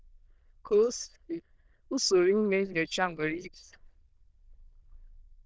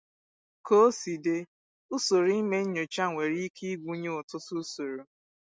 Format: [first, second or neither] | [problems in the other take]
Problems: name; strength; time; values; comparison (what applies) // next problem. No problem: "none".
second | noise reduction (neural diffusion model UNIVERSE++)